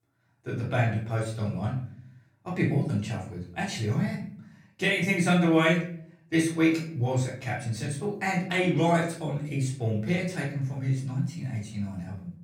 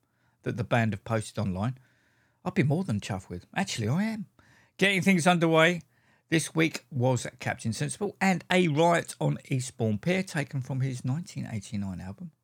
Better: second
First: off-mic speech; far // room echo; slight; dies away in 0.5 s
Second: none

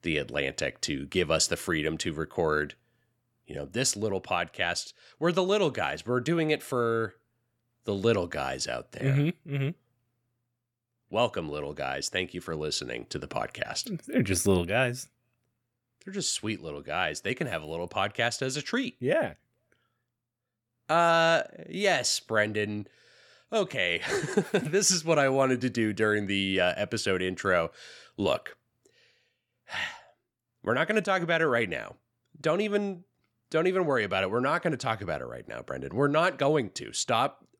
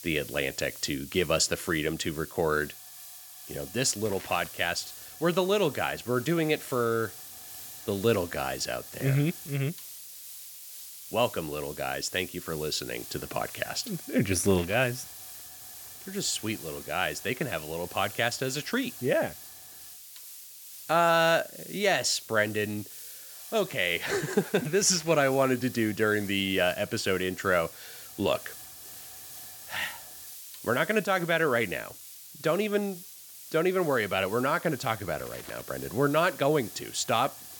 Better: first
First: none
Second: hiss; noticeable; throughout; 15 dB below the speech

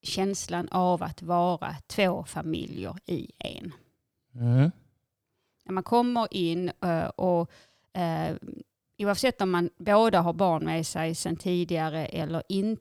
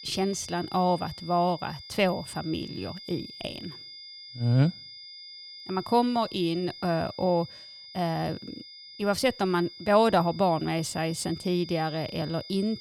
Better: first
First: none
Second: high-pitched whine; noticeable; throughout; 5 kHz, 15 dB below the speech

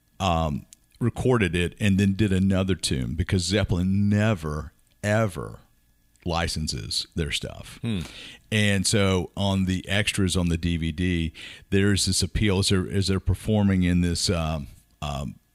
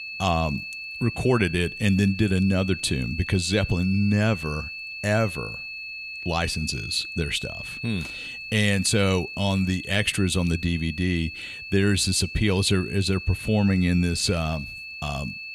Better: first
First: none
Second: high-pitched whine; loud; throughout; 2.5 kHz, 9 dB below the speech

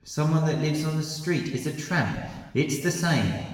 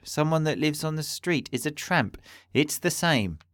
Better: second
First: room echo; noticeable; dies away in 1.1 s // off-mic speech; far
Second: none

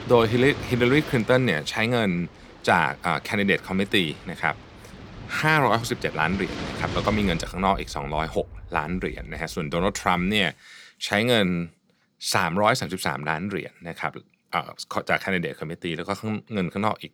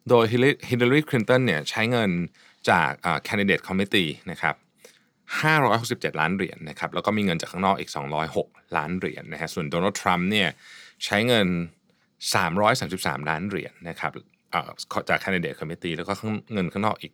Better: second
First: rain or running water; noticeable; until 10 s; 15 dB below the speech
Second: none

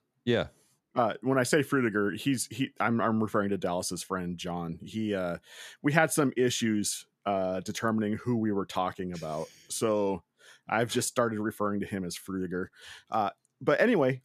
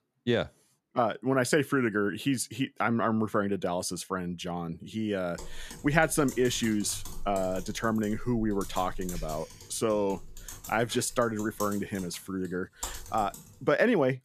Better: first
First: none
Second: keyboard typing; noticeable; from 5.5 to 13 s; peak 8 dB below the speech

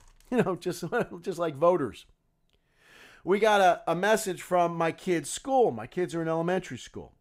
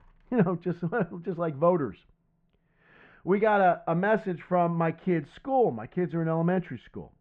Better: first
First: none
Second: muffled; very; fading above 2 kHz

